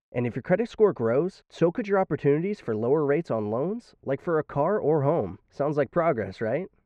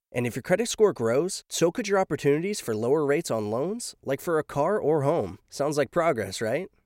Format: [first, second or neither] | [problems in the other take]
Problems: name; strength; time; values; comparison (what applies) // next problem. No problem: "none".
second | muffled; very; fading above 2 kHz